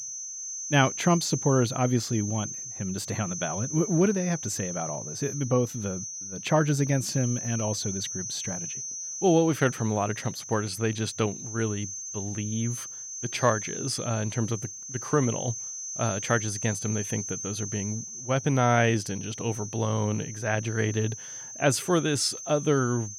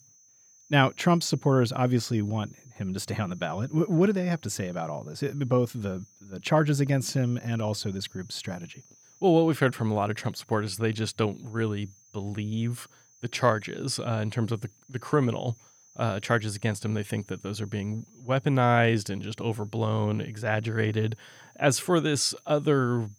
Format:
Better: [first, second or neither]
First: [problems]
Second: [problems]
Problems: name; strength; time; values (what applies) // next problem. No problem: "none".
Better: second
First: high-pitched whine; loud; throughout; 6.5 kHz, 7 dB below the speech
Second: high-pitched whine; faint; throughout; 6.5 kHz, 30 dB below the speech